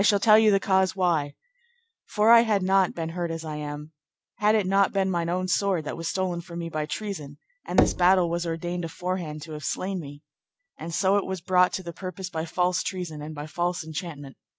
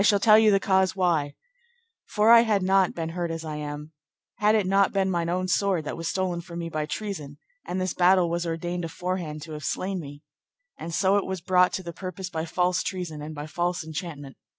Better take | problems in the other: second | background sound (Knock / Wood); 6 dB below the speech

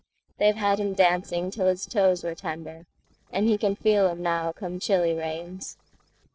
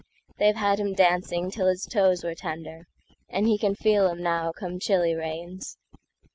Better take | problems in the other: second | noise reduction (neural separator model SepFormer DNS4)

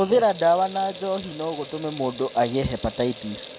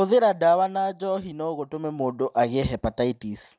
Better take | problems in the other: second | background sound (Sink (filling or washing) / Water tap, faucet); 15 dB below the speech

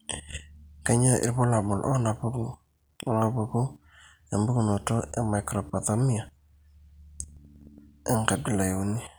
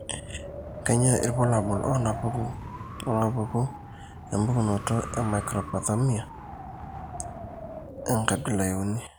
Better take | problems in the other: first | background sound (Wind); 10 dB below the speech

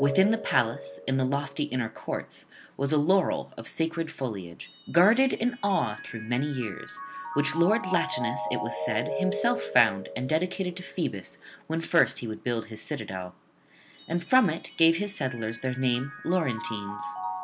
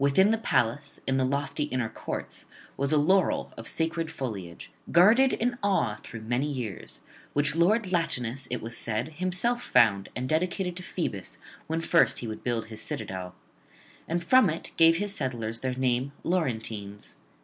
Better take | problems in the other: second | background sound (Mallet percussion); 10 dB below the speech

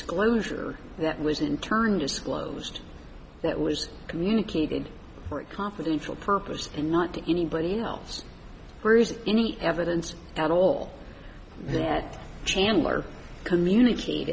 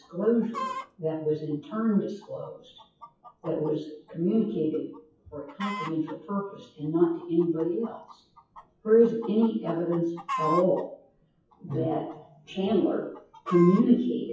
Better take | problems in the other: first | noise reduction (classical method WPE with log-MMSE)

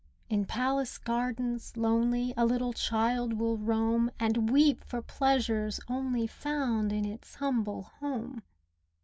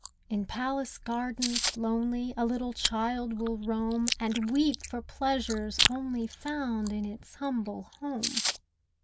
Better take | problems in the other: first | background sound (Chewing, mastication); 5 dB below the speech

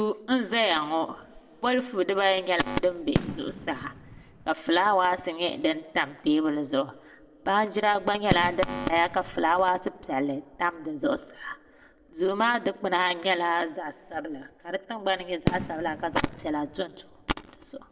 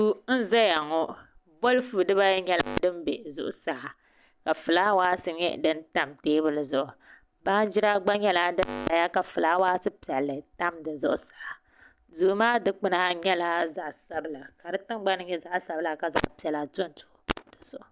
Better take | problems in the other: second | background sound (Fireworks); 7 dB below the speech // room echo; dies away in 1.3 s

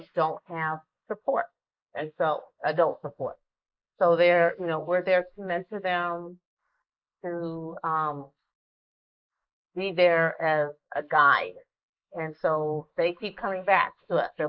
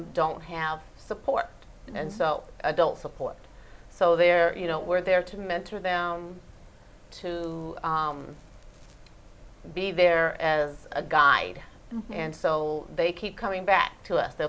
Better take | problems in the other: second | noise reduction (neural mask model Resemble Enhance denoiser)

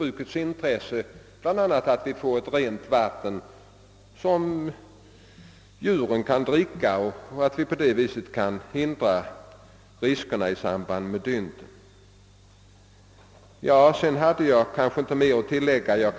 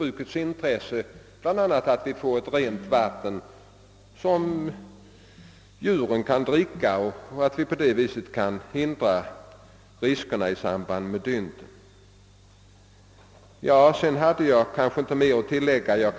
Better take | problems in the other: first | background sound (Guitar); 18 dB below the speech

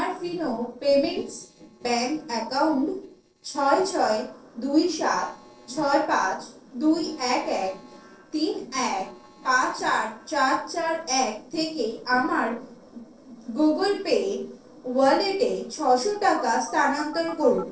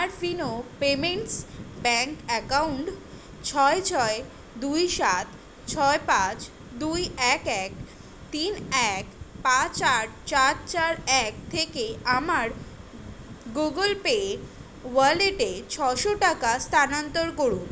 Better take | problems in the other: second | noise reduction (neural separator model SepFormer DNS4)

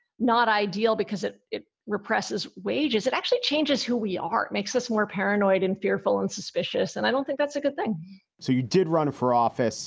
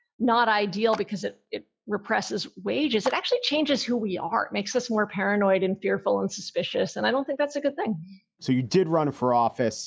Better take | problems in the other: first | noise reduction (classical method log-MMSE)

